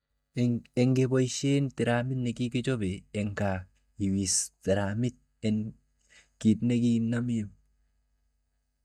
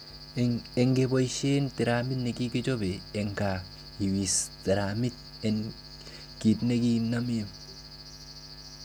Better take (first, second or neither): second